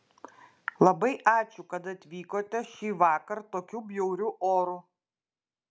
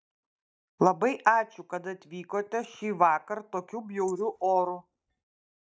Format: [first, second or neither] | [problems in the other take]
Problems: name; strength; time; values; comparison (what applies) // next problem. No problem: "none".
first | noise reduction (neural mask model DeepFilterNet 3)